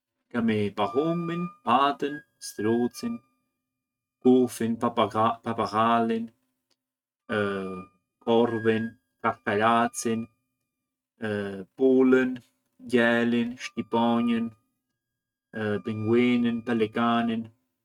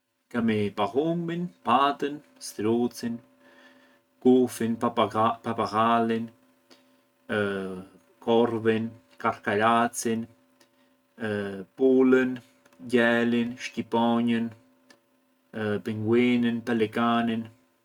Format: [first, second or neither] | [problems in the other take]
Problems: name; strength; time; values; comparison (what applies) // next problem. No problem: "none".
second | noise reduction (neural mask model RNNoise)